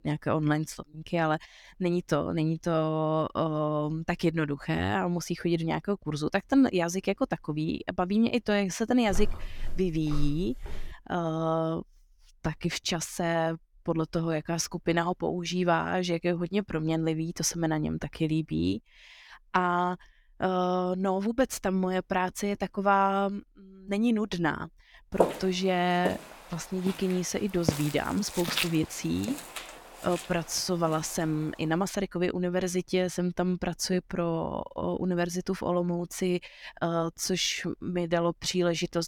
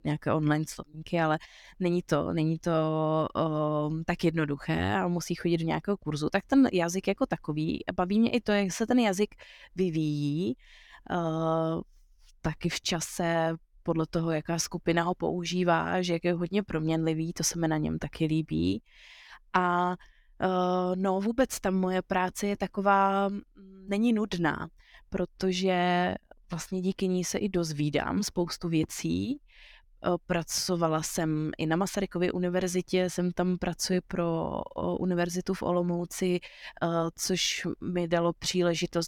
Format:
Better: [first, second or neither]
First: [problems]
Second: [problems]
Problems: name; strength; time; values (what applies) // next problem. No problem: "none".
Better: second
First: footsteps; noticeable; from 9 to 11 s; peak 9 dB below the speech // footsteps; loud; from 25 to 30 s; peak level with the speech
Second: none